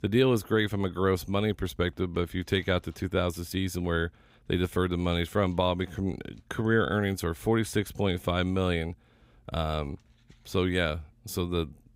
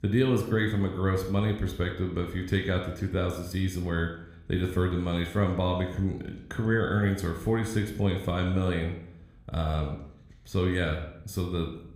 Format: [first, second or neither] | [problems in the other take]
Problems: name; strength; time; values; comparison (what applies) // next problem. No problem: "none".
first | room echo; slight; dies away in 0.6 s